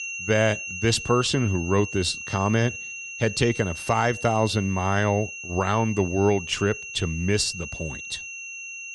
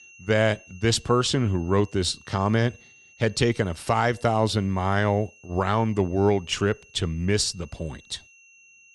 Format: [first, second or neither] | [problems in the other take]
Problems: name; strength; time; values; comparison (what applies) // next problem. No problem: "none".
second | high-pitched whine; loud; throughout; 2.5 kHz, 9 dB below the speech; faint in the second